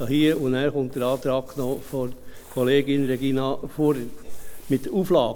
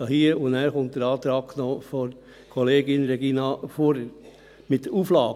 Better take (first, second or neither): second